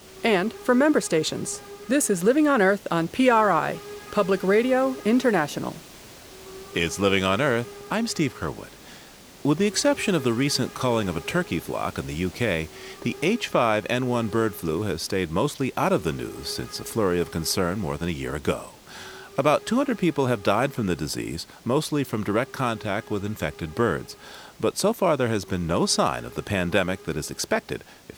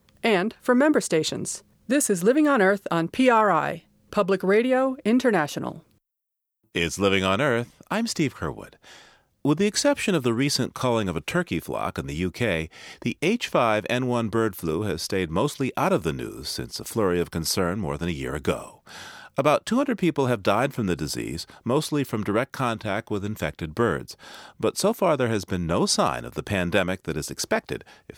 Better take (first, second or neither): second